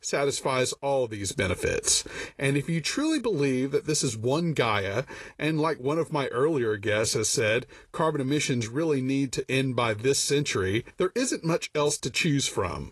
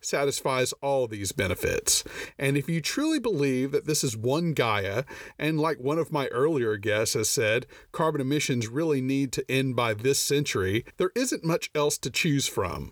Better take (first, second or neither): second